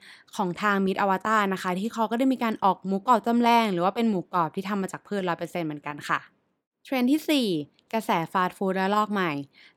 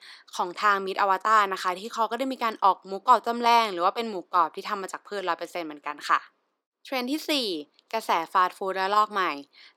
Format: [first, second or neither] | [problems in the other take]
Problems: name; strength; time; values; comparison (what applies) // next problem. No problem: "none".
first | thin; somewhat; fading below 350 Hz